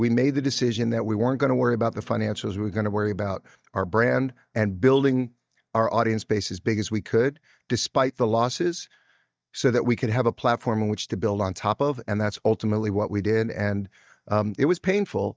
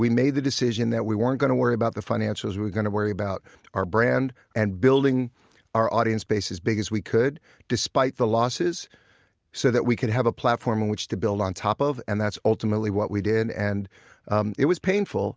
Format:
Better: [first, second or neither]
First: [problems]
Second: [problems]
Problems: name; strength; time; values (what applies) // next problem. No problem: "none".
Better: second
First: noise reduction (neural mask model DeepFilterNet 3)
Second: none